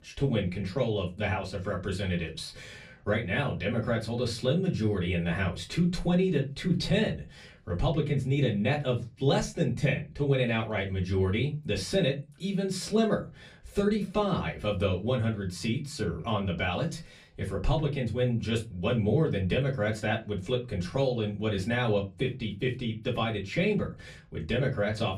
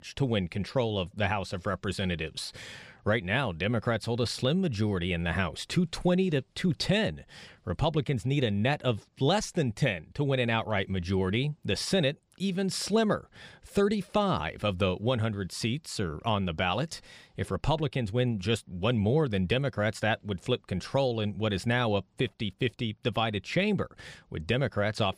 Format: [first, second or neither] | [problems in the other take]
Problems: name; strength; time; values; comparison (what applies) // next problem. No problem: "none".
second | off-mic speech; far // room echo; very slight; dies away in 0.2 s